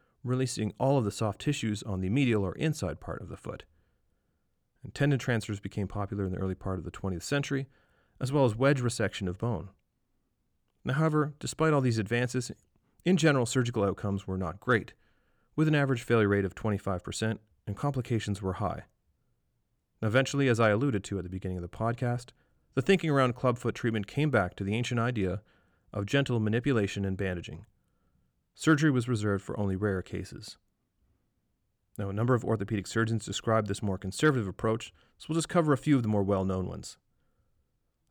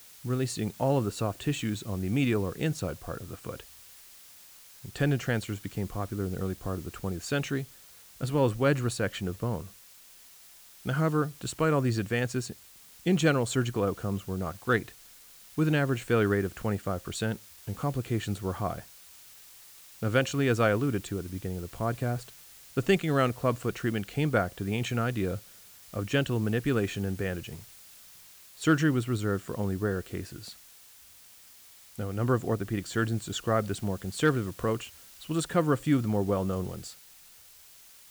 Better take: first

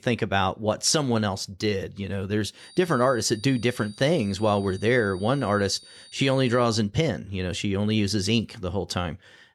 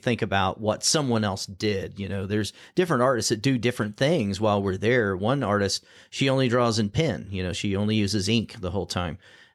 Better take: second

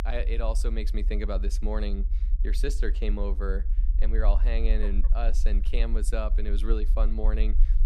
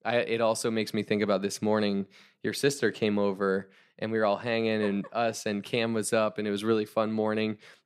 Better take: second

